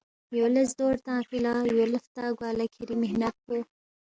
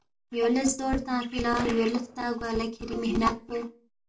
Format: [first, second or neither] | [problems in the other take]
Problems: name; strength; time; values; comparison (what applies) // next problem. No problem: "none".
first | background sound (Gunshot, gunfire); 16 dB below the speech // room echo; dies away in 0.2 s